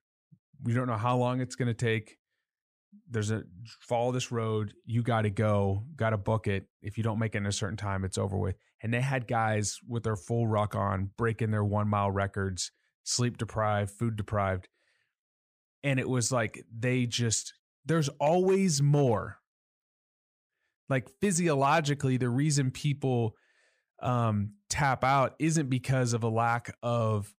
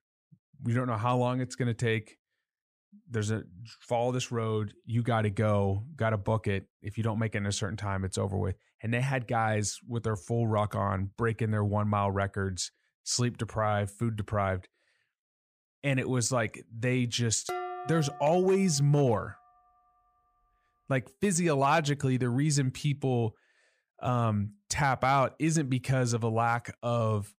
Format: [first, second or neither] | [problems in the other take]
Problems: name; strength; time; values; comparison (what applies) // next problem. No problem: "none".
first | clattering dishes; noticeable; from 17 to 19 s; peak 6 dB below the speech